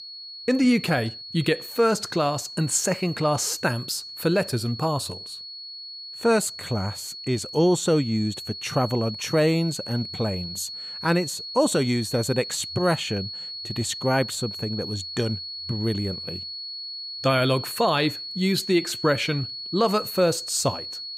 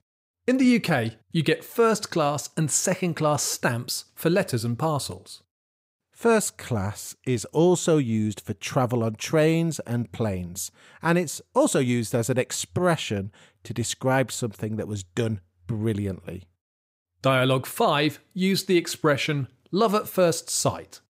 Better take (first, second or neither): second